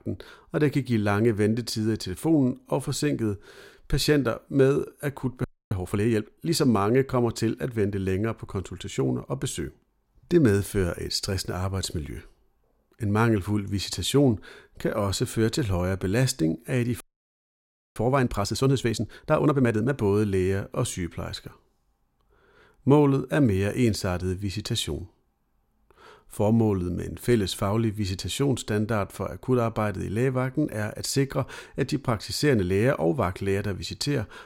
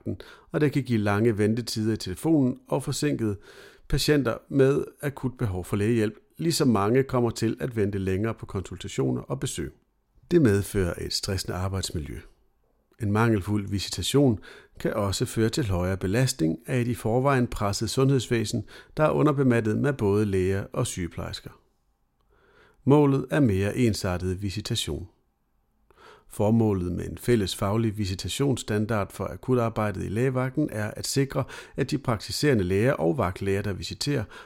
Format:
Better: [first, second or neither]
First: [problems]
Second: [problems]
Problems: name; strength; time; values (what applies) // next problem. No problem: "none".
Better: second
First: audio freezing; at 5.5 s and at 17 s for 1 s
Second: none